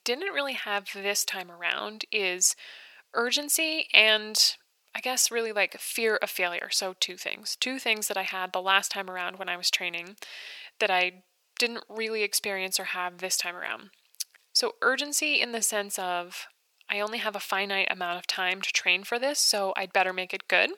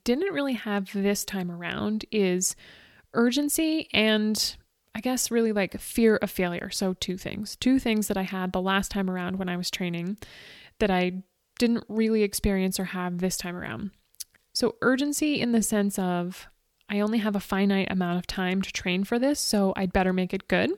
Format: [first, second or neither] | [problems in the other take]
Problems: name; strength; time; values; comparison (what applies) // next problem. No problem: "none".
second | thin; very; fading below 750 Hz